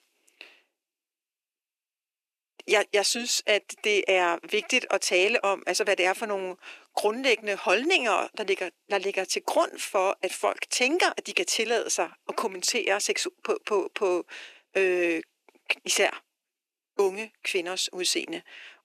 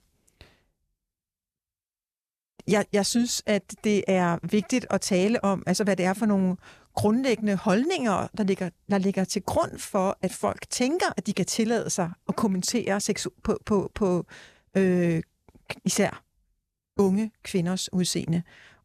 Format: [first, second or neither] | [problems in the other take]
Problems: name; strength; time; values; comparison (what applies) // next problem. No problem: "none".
second | thin; very; fading below 300 Hz